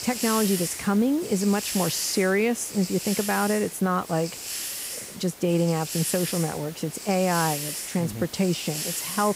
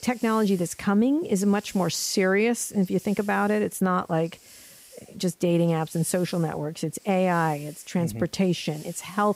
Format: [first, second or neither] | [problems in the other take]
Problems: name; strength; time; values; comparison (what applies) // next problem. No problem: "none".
second | hiss; loud; throughout; 6 dB below the speech; faint in the second